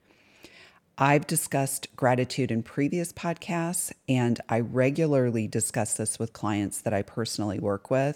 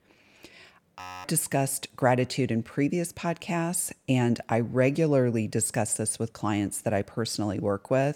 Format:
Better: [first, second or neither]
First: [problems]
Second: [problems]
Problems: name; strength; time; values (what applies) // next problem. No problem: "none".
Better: first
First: none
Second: audio freezing; at 1 s